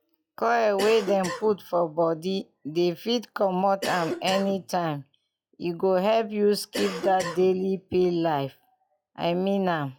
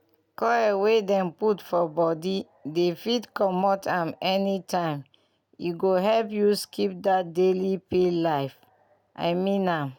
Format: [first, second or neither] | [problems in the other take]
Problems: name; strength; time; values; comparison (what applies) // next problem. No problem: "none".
second | noise reduction (classical method log-MMSE)